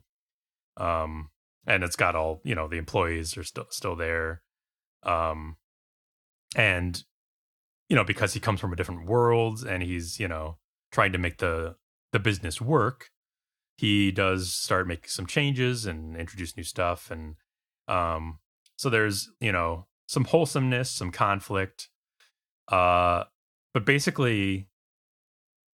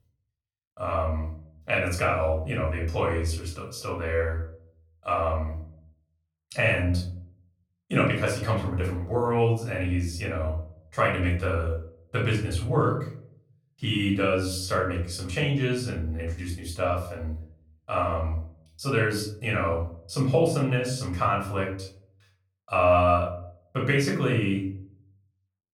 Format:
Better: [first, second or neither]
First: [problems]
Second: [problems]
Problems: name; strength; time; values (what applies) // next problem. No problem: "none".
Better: first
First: none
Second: off-mic speech; far // room echo; noticeable; dies away in 0.6 s